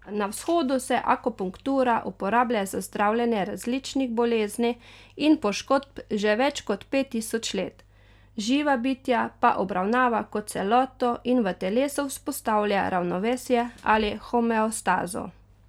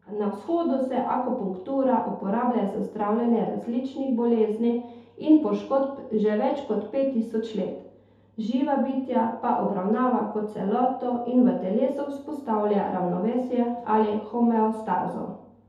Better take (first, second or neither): first